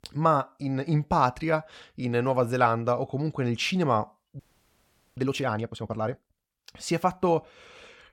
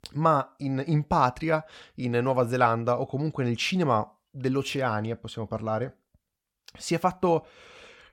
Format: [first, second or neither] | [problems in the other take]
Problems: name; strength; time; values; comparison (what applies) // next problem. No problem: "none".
second | audio freezing; at 4.5 s for 1 s